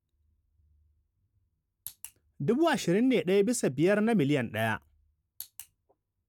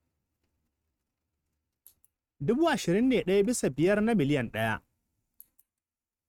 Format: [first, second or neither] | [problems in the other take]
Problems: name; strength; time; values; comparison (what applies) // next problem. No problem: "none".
first | noise reduction (neural mask model RNNoise)